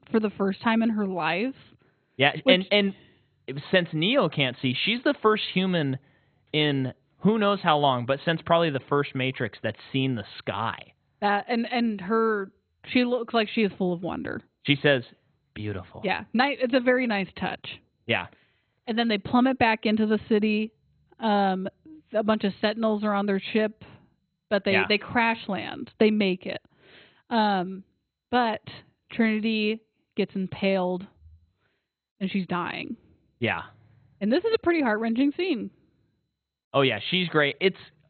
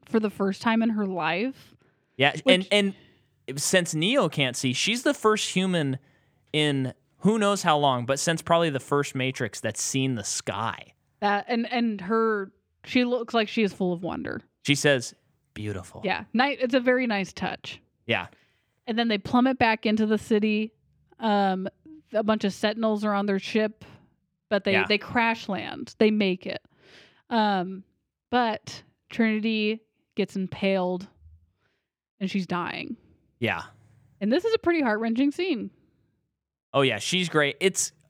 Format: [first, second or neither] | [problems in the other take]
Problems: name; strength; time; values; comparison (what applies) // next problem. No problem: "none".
second | garbled, watery; badly; nothing above 4 kHz